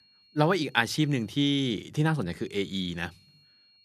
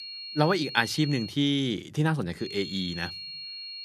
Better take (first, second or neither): first